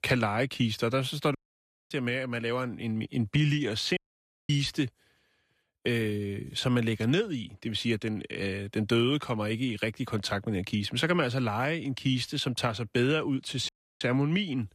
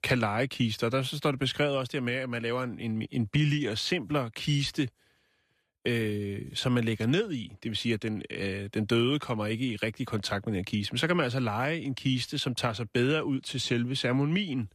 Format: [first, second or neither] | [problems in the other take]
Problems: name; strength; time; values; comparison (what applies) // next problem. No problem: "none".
second | audio cutting out; at 1.5 s for 0.5 s, at 4 s for 0.5 s and at 14 s